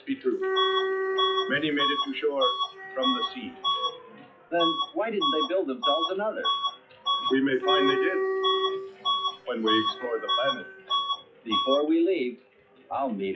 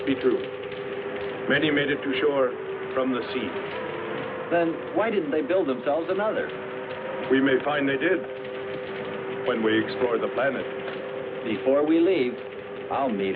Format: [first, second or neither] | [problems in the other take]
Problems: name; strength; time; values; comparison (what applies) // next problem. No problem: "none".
second | noise reduction (classical method log-MMSE)